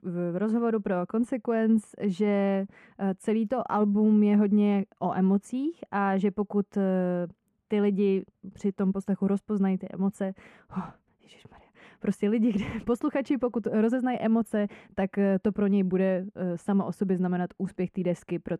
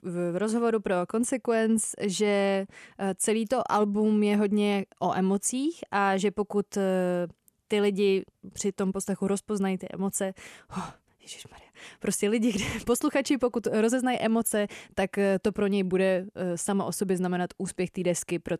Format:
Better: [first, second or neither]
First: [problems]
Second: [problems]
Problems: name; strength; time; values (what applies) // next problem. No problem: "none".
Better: second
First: muffled; very; fading above 3 kHz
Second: none